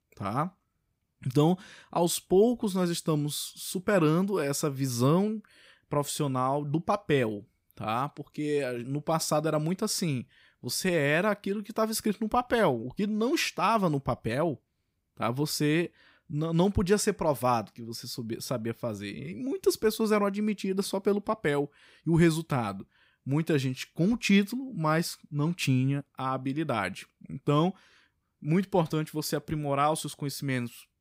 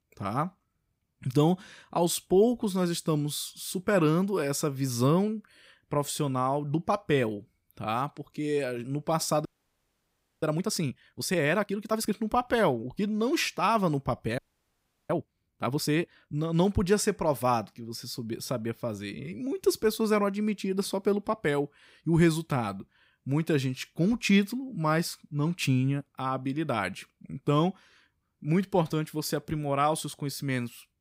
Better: first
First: none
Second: audio freezing; at 9.5 s for 1 s and at 14 s for 0.5 s

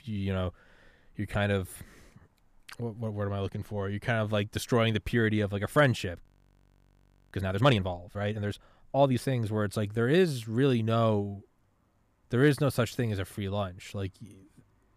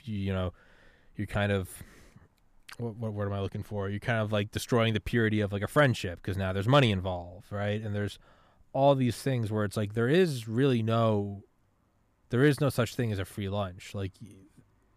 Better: second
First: audio freezing; at 6 s for 1 s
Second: none

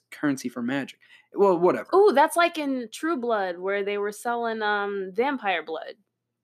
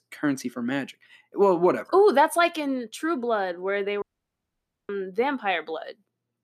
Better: first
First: none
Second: audio cutting out; at 4 s for 1 s

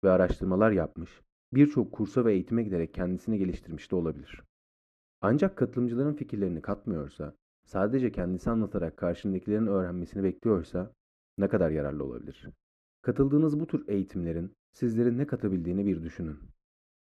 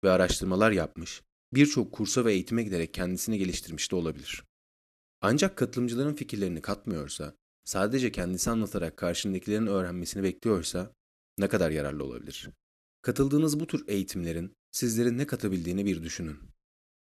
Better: second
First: muffled; very; fading above 2.5 kHz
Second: none

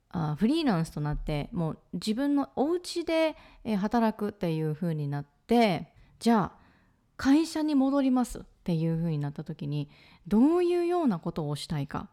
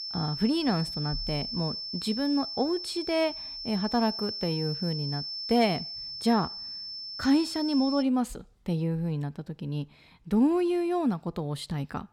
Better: first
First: none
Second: high-pitched whine; loud; until 8 s; 5.5 kHz, 6 dB below the speech

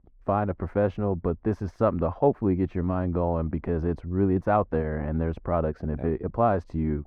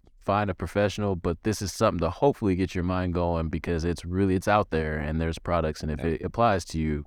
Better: second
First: muffled; very; fading above 2.5 kHz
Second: none

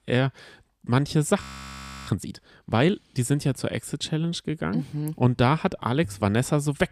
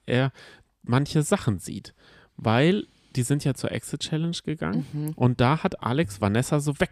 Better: second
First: audio freezing; at 1.5 s for 0.5 s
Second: none

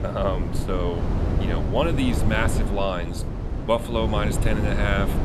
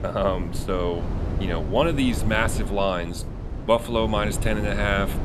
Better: second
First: wind noise on the microphone; heavy; 7 dB below the speech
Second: wind noise on the microphone; occasional gusts; 15 dB below the speech

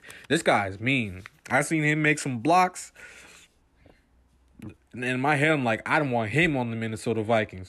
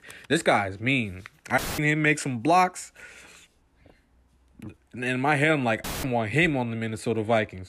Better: first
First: none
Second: audio cutting out; filled with static; at 1.5 s and at 6 s

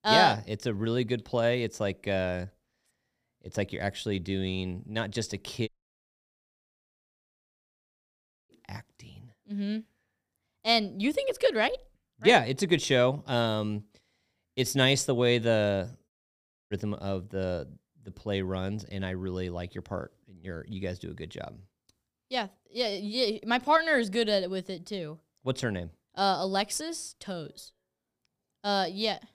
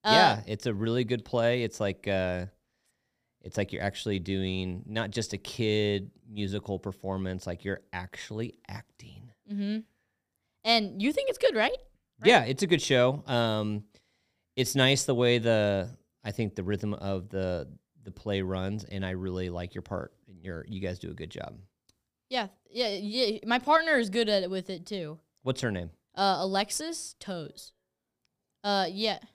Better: second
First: audio cutting out; at 5.5 s for 3 s and at 16 s for 0.5 s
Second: none

